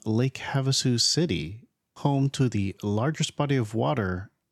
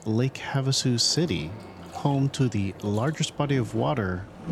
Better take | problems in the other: first | train or aircraft noise; noticeable; throughout; 15 dB below the speech

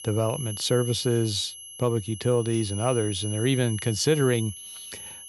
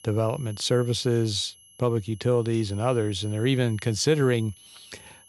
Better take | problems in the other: second | high-pitched whine; loud; throughout; 11 kHz, 10 dB below the speech; faint in the second

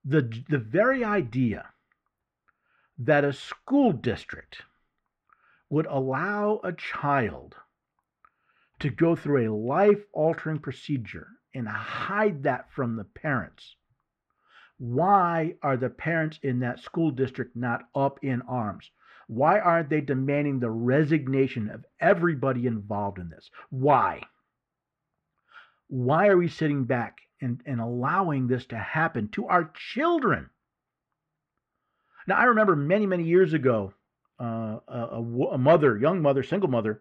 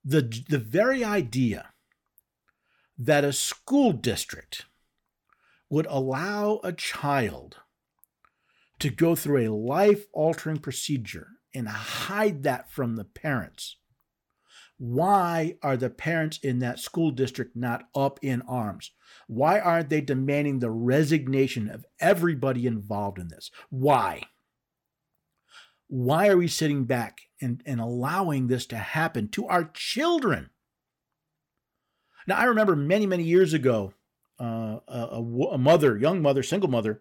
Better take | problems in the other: second | muffled; very; fading above 2 kHz

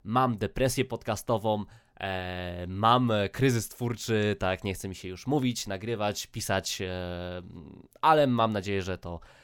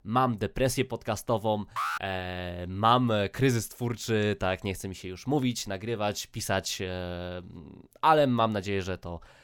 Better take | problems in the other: first | alarm; noticeable; at 2 s; peak 3 dB below the speech

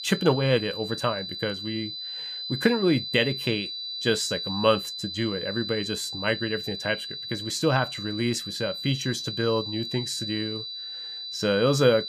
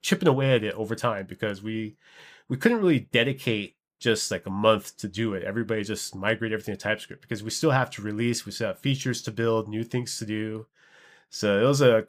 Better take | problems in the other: second | high-pitched whine; loud; throughout; 4 kHz, 5 dB below the speech

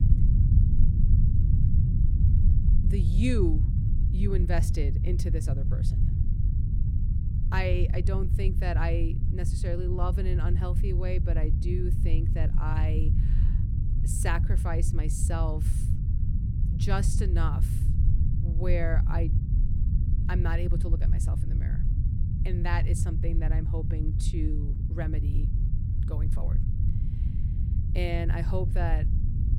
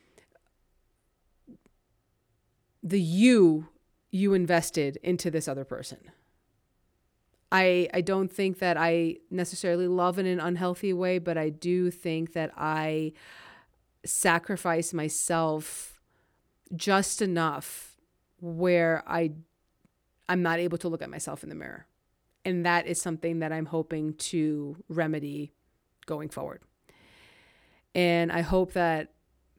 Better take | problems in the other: second | low rumble; loud; throughout; 6 dB below the speech

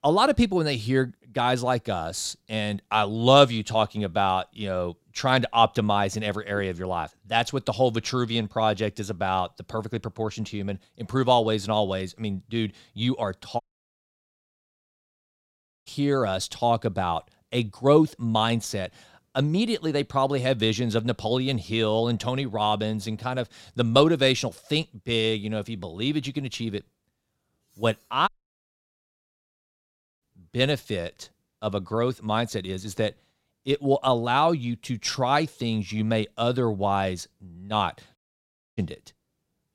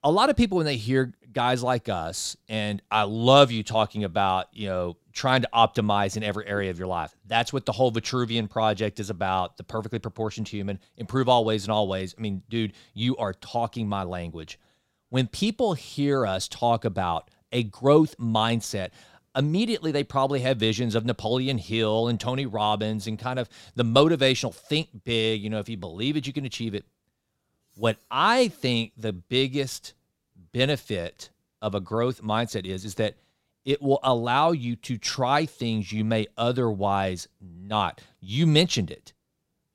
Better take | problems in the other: second | audio cutting out; at 14 s for 2.5 s, at 28 s for 2 s and at 38 s for 0.5 s

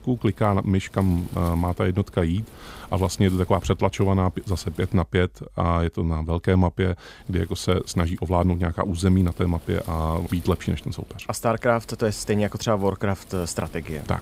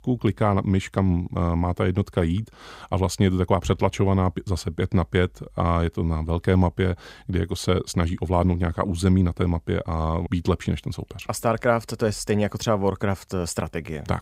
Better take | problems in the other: second | wind noise on the microphone; occasional gusts; until 5 s and from 7 s on; 25 dB below the speech

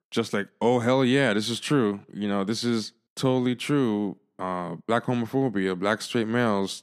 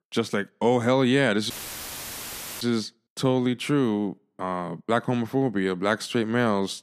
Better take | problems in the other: first | audio cutting out; filled with static; at 1.5 s for 1 s

